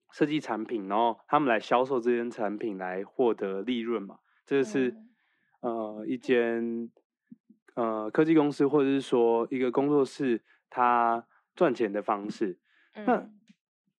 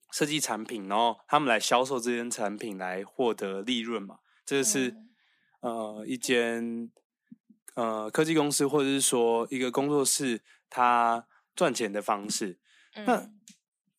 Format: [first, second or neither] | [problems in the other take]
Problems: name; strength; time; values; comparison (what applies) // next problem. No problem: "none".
second | muffled; very; fading above 2 kHz